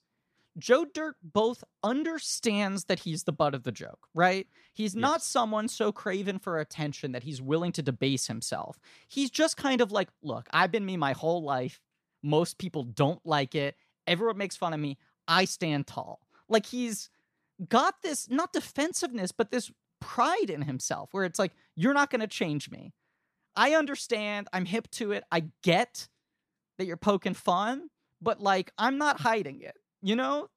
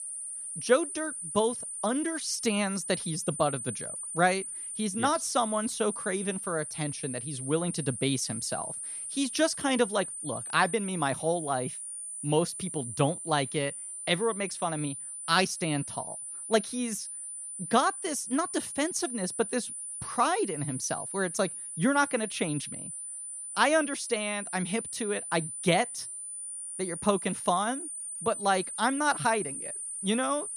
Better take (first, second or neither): first